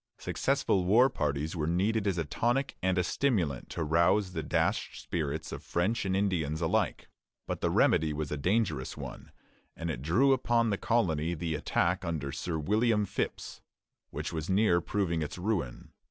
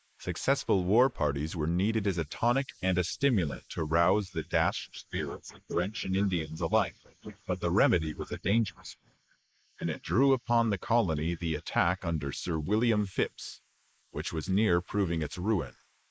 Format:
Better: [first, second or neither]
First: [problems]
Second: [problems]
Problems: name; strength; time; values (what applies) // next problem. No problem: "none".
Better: first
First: none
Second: noise reduction (neural mask model Resemble Enhance denoiser)